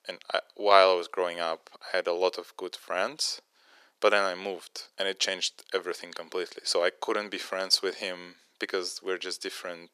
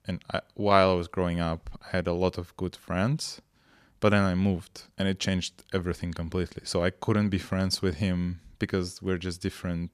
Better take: second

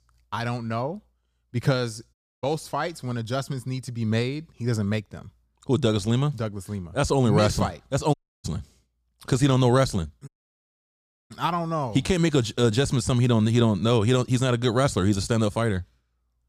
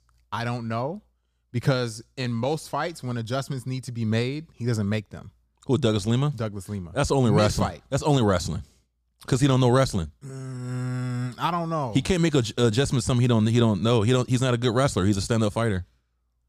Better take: second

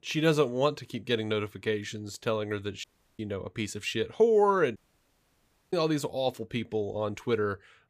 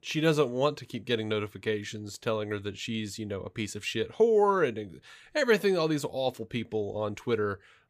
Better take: second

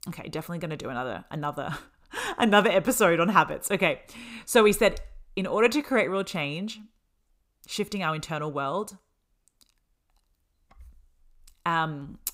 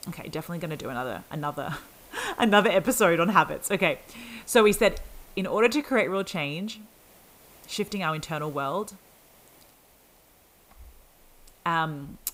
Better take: first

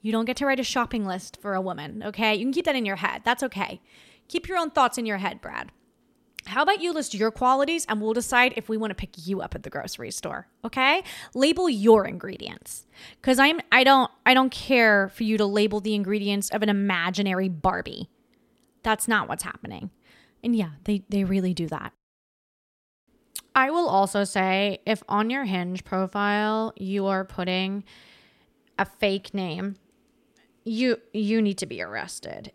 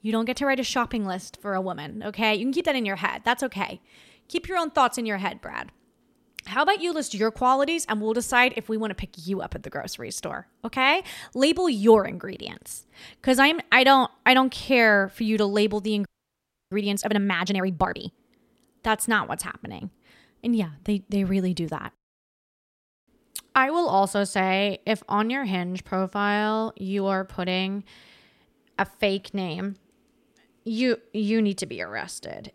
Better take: first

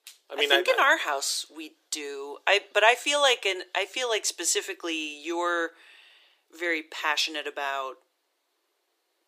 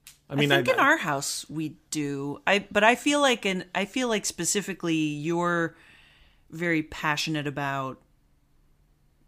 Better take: second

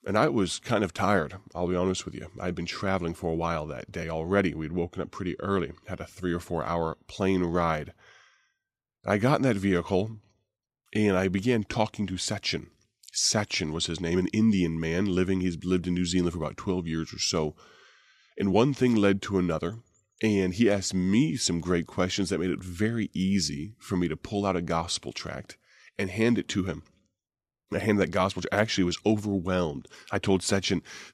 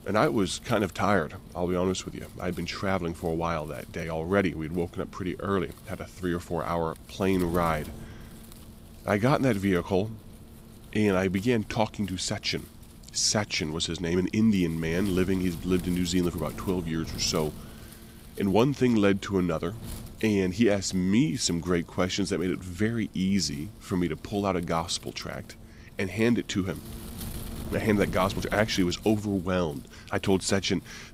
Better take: first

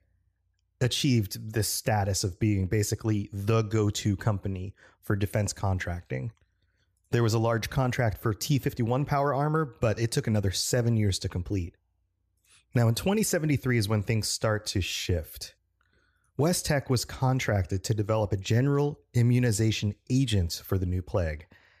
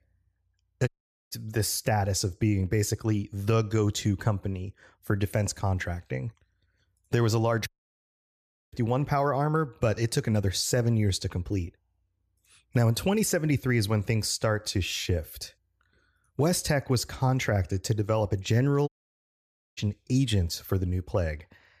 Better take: first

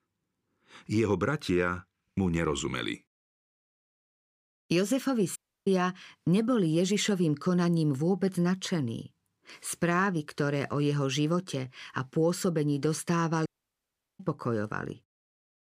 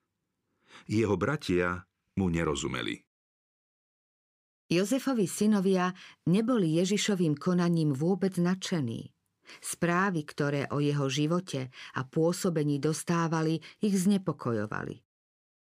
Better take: second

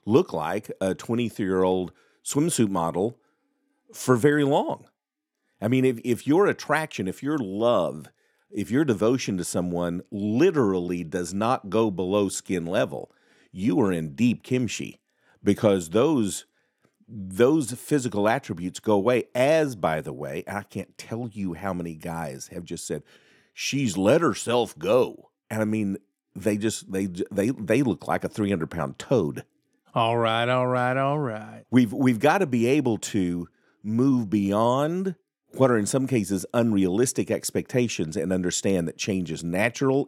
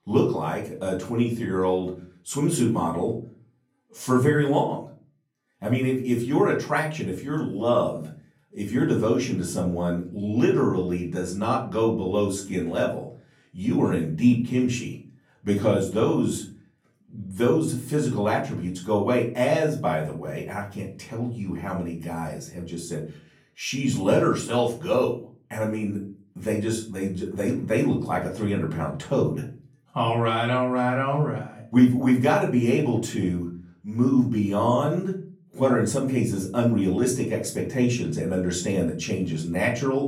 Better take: first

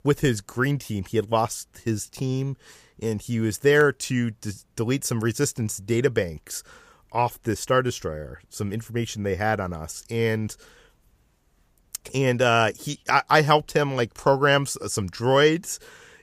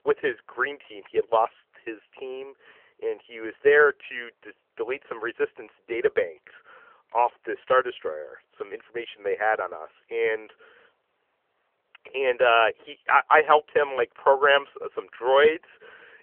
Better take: first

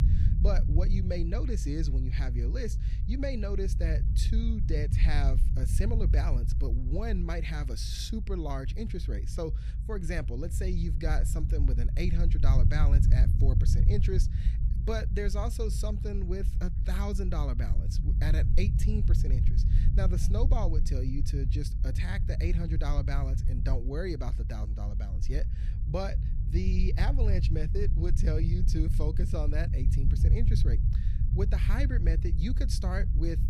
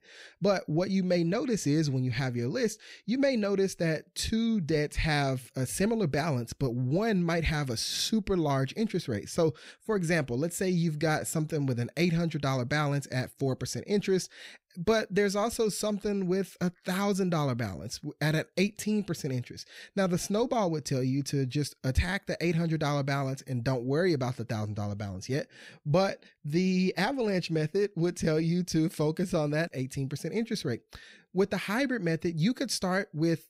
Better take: second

